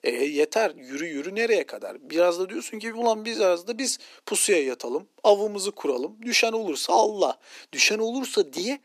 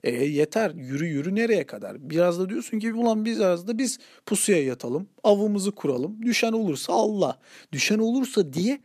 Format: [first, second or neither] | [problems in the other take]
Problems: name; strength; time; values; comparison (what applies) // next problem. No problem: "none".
second | thin; somewhat; fading below 300 Hz